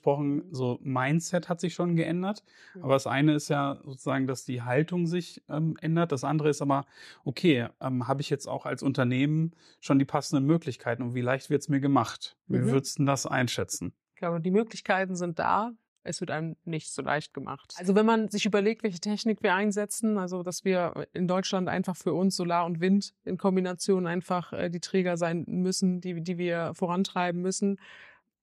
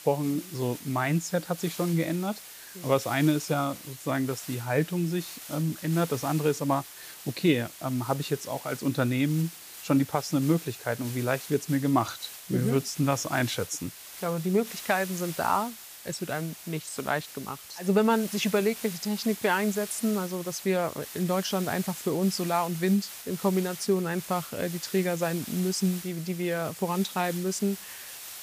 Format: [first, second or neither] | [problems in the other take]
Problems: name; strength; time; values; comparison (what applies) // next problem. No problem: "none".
first | hiss; noticeable; throughout; 10 dB below the speech